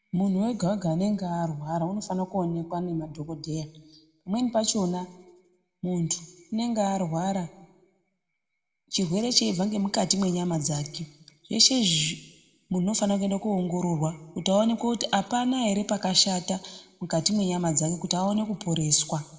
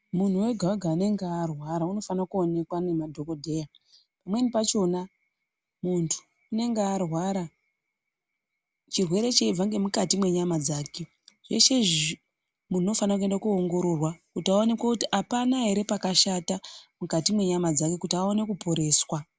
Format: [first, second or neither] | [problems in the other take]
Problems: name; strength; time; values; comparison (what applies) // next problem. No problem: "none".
second | room echo; dies away in 0.9 s